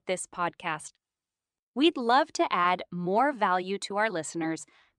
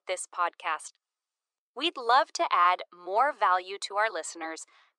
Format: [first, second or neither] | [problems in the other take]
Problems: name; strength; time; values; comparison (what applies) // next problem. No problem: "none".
first | thin; very; fading below 450 Hz